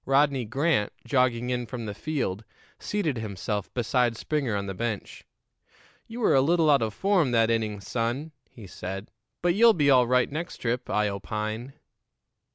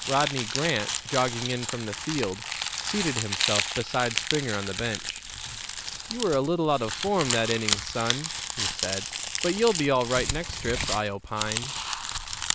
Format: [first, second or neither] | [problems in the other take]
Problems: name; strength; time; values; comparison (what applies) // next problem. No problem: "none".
first | background sound (Crumpling, crinkling); 2 dB below the speech